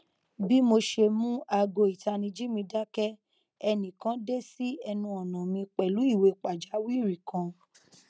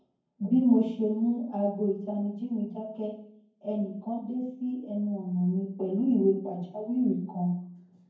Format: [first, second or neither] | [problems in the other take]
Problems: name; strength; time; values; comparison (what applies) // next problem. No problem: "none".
first | room echo; dies away in 0.9 s